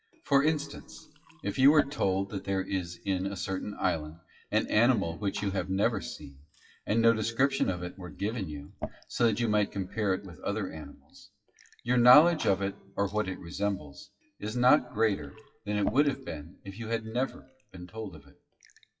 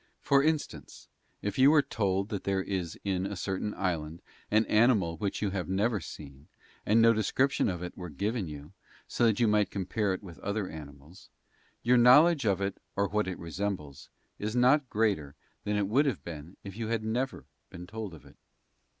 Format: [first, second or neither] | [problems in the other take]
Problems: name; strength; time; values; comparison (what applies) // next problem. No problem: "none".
second | noise reduction (classical method WPE with log-MMSE)